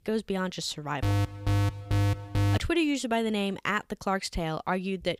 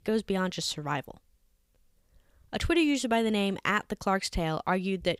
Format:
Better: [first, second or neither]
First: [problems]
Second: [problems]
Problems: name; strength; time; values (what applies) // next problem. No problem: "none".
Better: second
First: alarm; loud; from 1 to 2.5 s; peak 2 dB above the speech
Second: none